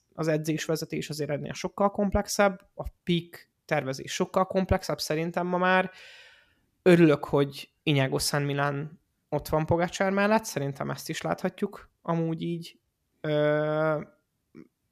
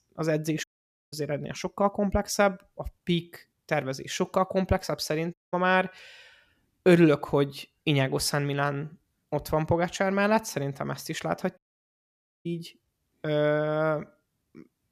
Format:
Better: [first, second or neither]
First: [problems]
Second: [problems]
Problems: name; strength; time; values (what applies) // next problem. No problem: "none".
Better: first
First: none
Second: audio cutting out; at 0.5 s, at 5.5 s and at 12 s for 1 s